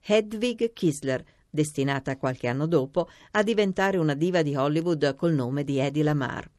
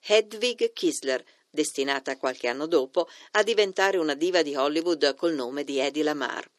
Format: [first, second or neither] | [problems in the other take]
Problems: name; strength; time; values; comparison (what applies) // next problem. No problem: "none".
first | thin; somewhat; fading below 350 Hz